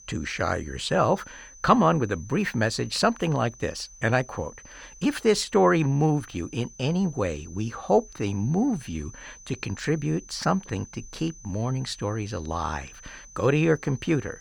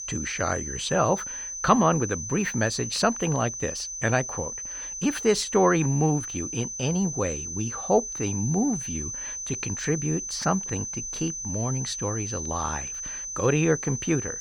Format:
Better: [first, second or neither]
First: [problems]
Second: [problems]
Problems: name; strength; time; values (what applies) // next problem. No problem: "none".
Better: first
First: high-pitched whine; faint; throughout; 6 kHz, 20 dB below the speech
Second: high-pitched whine; loud; throughout; 6 kHz, 5 dB below the speech